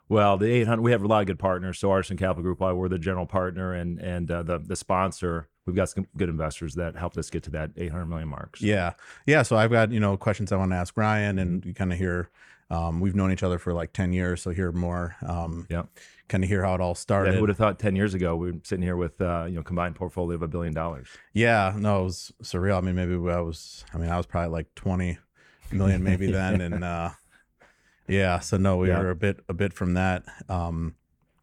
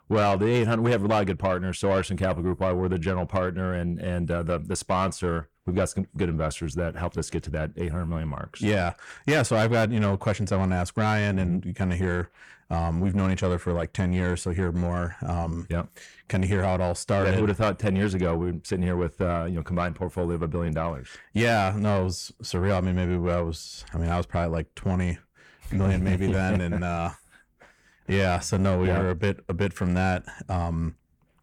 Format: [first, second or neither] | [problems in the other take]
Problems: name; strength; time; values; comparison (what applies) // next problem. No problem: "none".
first | distortion; slight; 10 dB below the speech